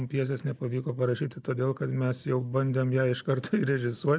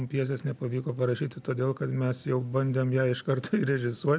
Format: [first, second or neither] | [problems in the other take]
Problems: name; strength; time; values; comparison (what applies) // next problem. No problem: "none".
second | noise reduction (neural mask model Resemble Enhance denoiser)